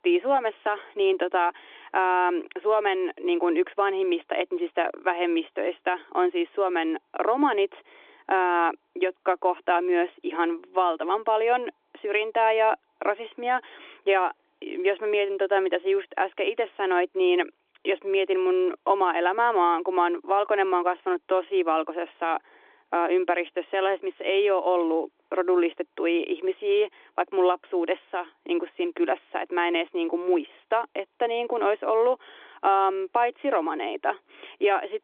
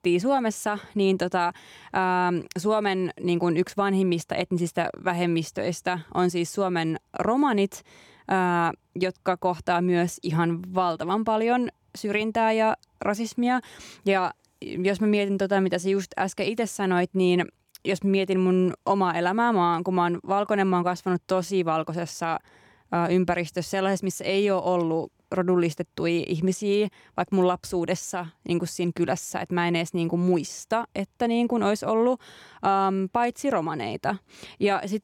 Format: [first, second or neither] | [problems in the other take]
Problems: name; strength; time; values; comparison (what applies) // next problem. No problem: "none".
second | phone-call audio